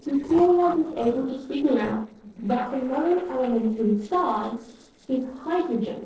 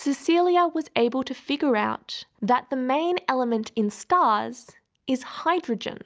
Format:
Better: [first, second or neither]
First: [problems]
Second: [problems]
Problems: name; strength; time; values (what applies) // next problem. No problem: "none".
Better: second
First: noise reduction (neural separator model SepFormer DNS4)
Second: none